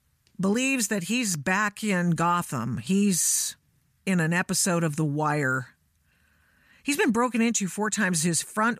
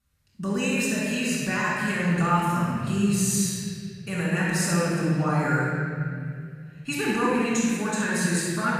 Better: first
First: none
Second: off-mic speech; far // room echo; strong; dies away in 3 s

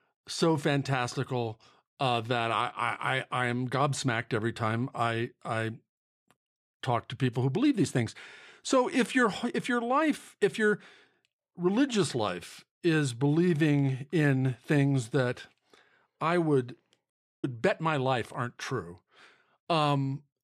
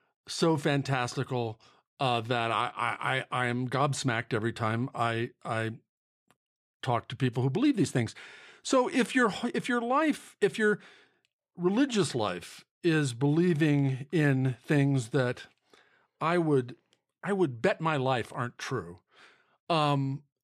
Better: second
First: audio cutting out; at 17 s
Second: none

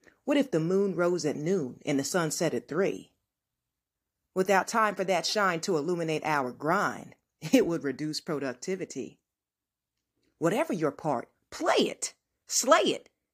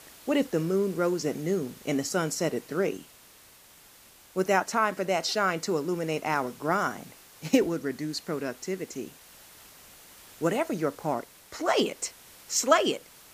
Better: first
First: none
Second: hiss; faint; throughout; 20 dB below the speech

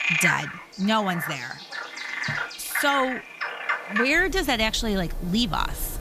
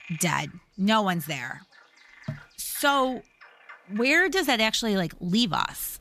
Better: second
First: animal sounds; loud; throughout; 5 dB below the speech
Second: animal sounds; faint; throughout; 25 dB below the speech

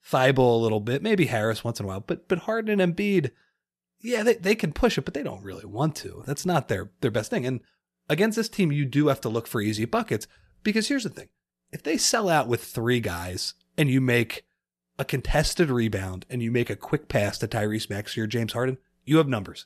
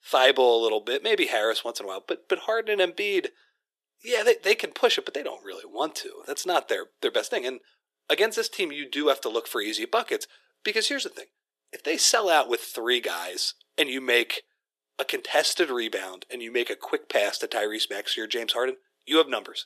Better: first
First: none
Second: thin; very; fading below 350 Hz

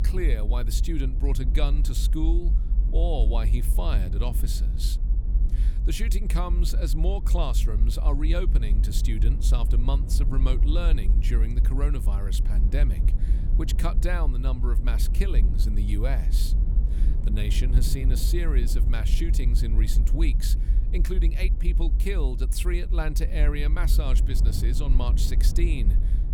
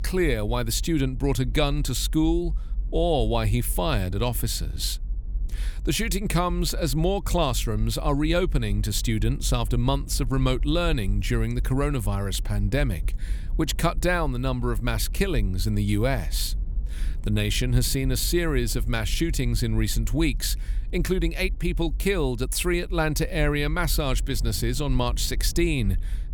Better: second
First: low rumble; loud; throughout; 9 dB below the speech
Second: low rumble; faint; throughout; 25 dB below the speech

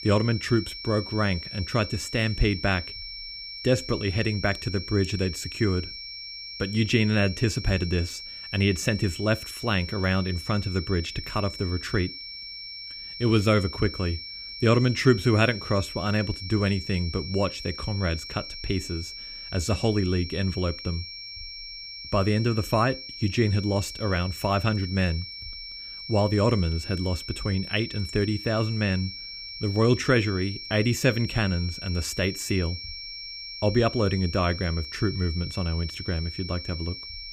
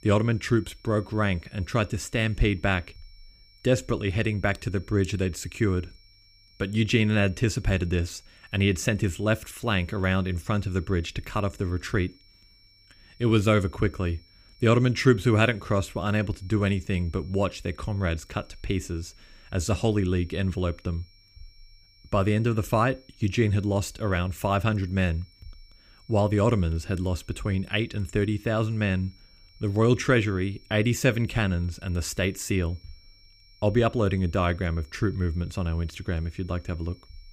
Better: second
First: high-pitched whine; loud; throughout; 5.5 kHz, 9 dB below the speech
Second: high-pitched whine; faint; throughout; 5.5 kHz, 30 dB below the speech

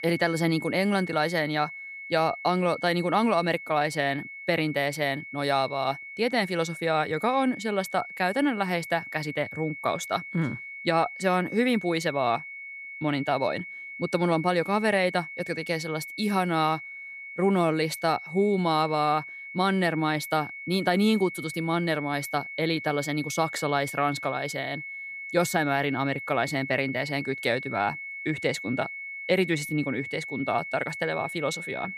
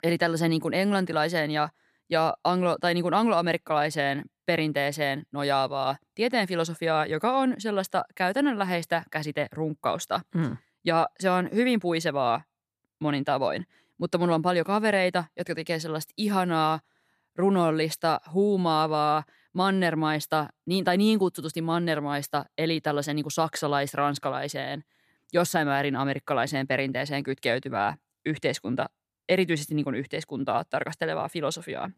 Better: second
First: high-pitched whine; loud; throughout; 2 kHz, 10 dB below the speech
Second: none

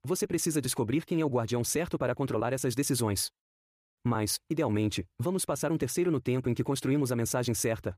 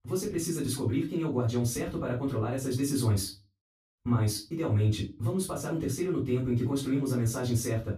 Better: first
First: none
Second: off-mic speech; far // room echo; slight; dies away in 0.3 s

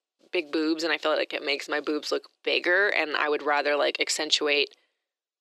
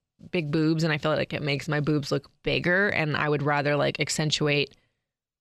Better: second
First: thin; very; fading below 350 Hz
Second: none

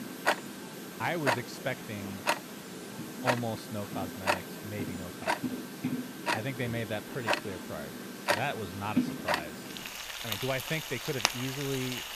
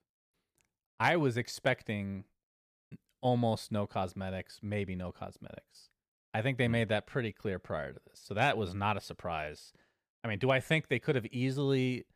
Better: second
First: household noises; very loud; throughout; 3 dB above the speech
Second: none

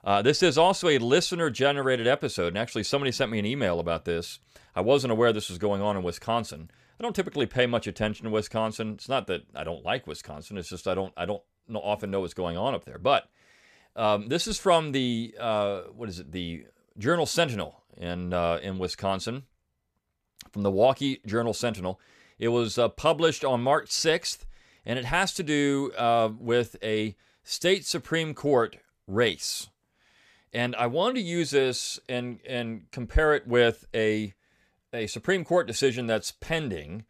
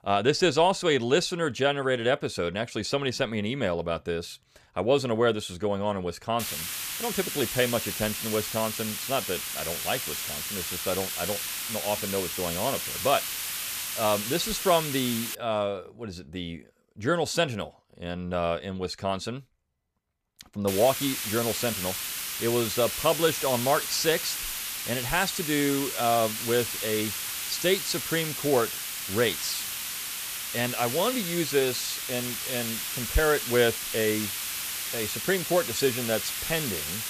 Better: first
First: none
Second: hiss; loud; from 6.5 to 15 s and from 21 s on; 3 dB below the speech

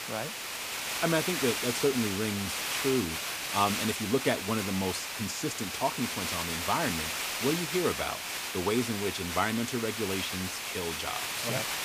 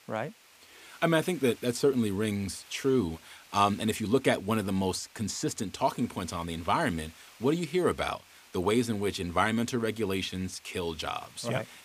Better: second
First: hiss; loud; throughout; 1 dB below the speech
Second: hiss; faint; throughout; 25 dB below the speech

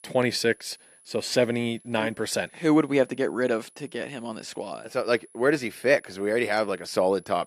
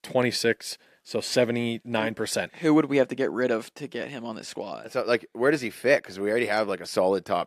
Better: second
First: high-pitched whine; faint; throughout; 10.5 kHz, 30 dB below the speech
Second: none

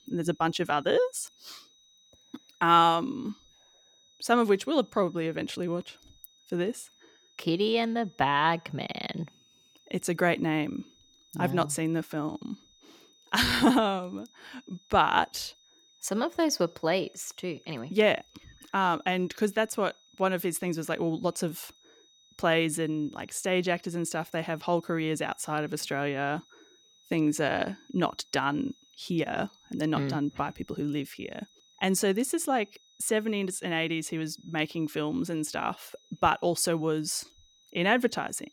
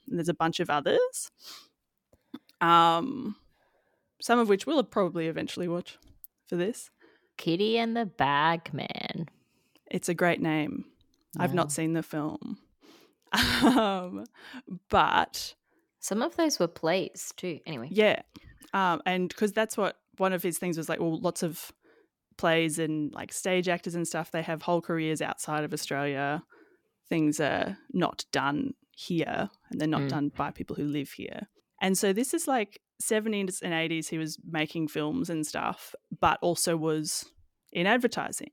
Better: second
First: high-pitched whine; faint; throughout; 4 kHz, 30 dB below the speech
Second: none

